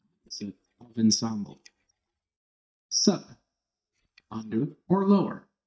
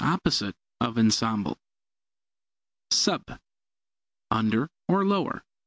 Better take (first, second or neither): second